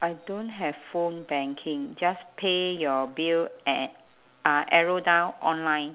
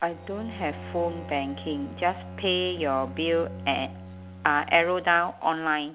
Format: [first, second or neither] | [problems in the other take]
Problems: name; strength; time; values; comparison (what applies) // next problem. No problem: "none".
first | background sound (Bowed string instrument); 13 dB below the speech